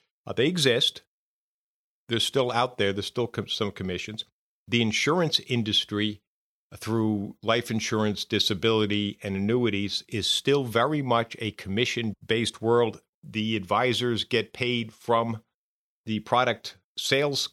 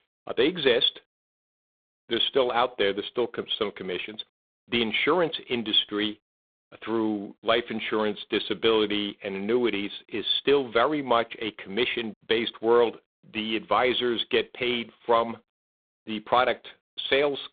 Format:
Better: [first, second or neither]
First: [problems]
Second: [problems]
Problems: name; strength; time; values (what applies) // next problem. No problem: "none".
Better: first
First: none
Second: phone-call audio; poor line